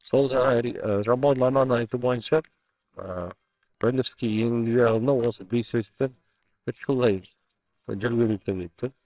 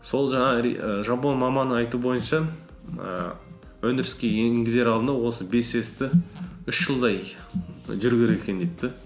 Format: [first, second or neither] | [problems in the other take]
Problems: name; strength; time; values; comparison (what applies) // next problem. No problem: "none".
second | noise reduction (neural separator model SepFormer WHAMR!)